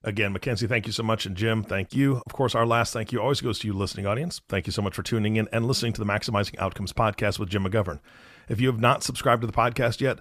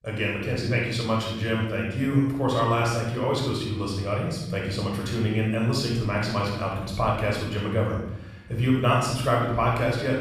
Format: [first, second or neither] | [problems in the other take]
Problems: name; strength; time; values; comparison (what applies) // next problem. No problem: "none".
first | off-mic speech; far // room echo; noticeable; dies away in 0.9 s